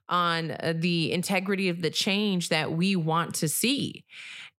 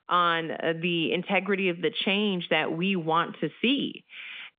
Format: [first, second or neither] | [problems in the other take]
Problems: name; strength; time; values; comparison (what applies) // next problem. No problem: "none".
first | phone-call audio; nothing above 3.5 kHz